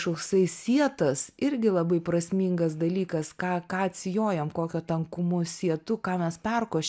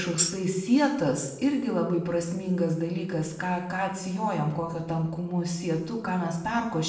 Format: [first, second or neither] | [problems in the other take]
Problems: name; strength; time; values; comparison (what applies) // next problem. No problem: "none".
first | background sound (Tambourine); 4 dB below the speech // room echo; dies away in 0.8 s